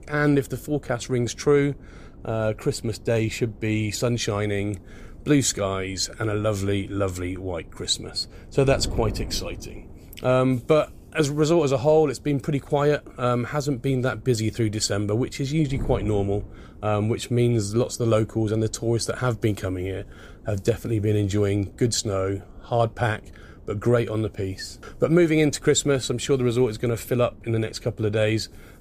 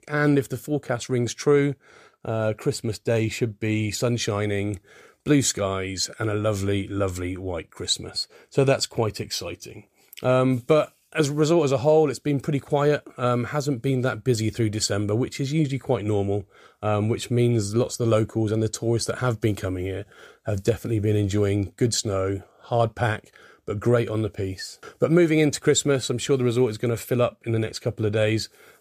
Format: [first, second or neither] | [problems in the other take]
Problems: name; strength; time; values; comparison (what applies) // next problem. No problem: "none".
second | wind noise on the microphone; occasional gusts; 25 dB below the speech